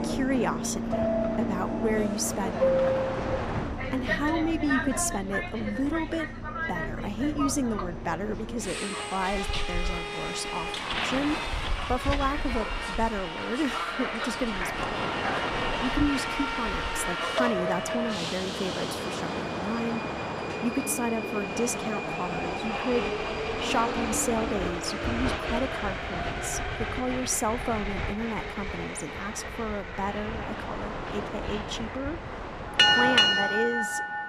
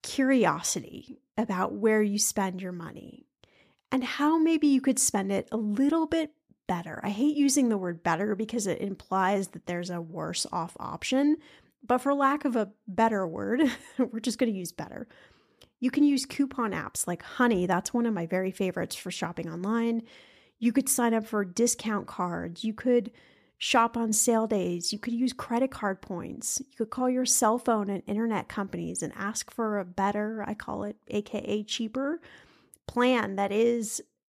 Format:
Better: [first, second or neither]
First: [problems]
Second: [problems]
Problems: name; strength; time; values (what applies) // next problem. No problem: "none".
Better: second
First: train or aircraft noise; very loud; throughout; 2 dB above the speech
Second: none